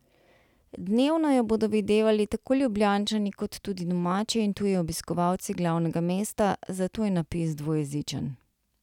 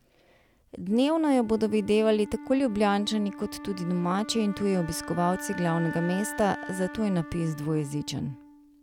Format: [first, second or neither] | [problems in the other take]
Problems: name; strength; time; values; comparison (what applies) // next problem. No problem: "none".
first | background sound (Wind instrument, woodwind instrument); 14 dB below the speech